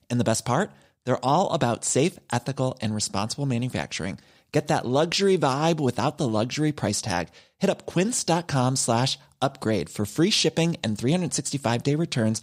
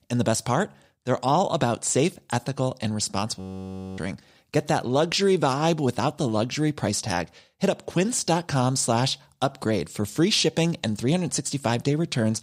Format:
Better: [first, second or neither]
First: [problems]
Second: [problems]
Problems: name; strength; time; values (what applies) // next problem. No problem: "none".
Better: first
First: none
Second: audio freezing; at 3.5 s for 0.5 s